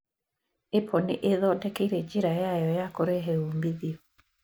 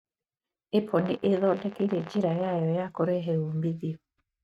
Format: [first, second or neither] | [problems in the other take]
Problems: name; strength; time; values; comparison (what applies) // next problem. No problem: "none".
first | noise reduction (neural mask model RNNoise)